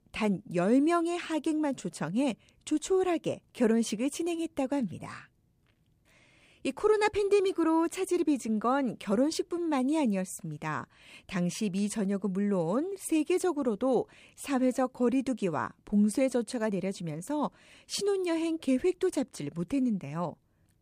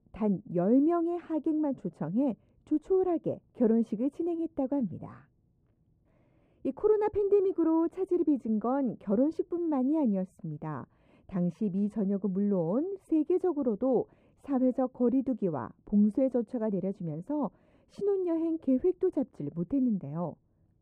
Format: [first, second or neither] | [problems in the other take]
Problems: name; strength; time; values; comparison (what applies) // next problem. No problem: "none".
first | muffled; very; fading above 1.5 kHz